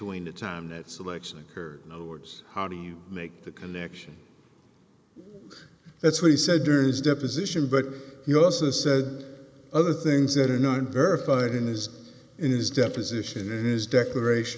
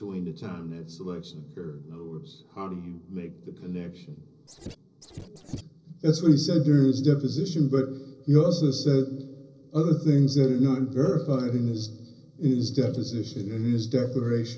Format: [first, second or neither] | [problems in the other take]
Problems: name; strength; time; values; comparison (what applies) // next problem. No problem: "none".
first | noise reduction (neural separator model SepFormer DNS4)